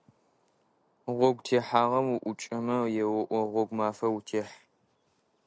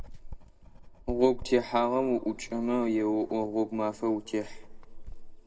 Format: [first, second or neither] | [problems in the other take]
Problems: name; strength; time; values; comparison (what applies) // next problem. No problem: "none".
first | background sound (Writing); 13 dB below the speech // room echo; dies away in 1.4 s